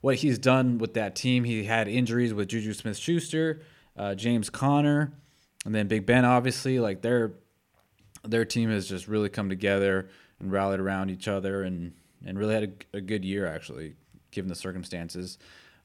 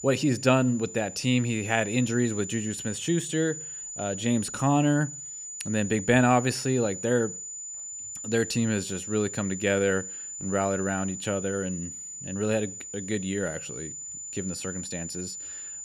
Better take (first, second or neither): first